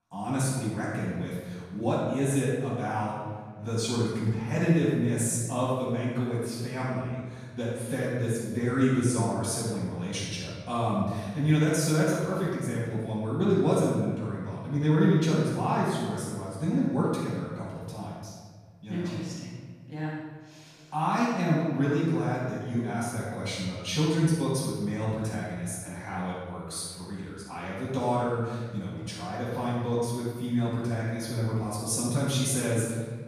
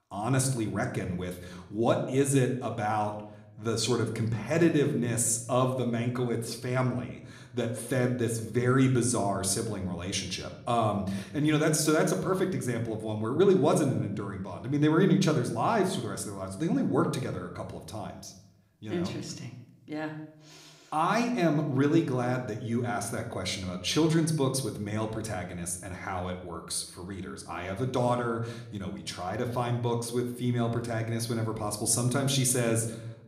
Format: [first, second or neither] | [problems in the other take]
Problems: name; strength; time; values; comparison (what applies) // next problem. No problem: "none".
second | room echo; strong; dies away in 1.4 s; slight in the second // off-mic speech; far